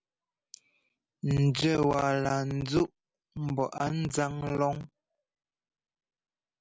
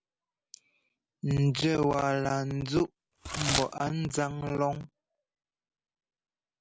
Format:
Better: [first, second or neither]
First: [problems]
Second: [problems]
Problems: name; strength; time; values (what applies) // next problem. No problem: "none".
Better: first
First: none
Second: background sound (Packing tape, duct tape / Tearing); 6 dB below the speech